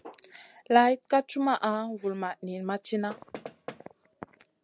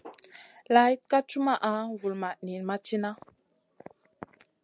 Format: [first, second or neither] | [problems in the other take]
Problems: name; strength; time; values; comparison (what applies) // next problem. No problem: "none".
second | background sound (Knock); 15 dB below the speech